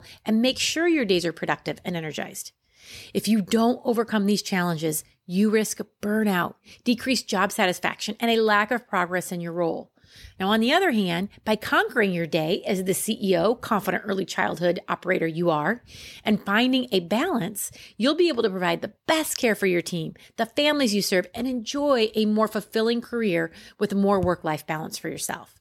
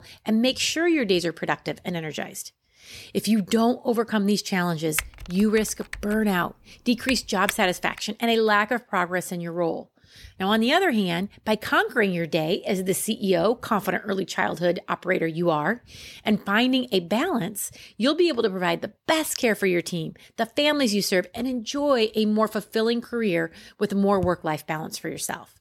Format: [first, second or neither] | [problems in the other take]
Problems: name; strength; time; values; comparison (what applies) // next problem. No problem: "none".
first | keyboard typing; noticeable; from 5 to 8 s; peak 7 dB below the speech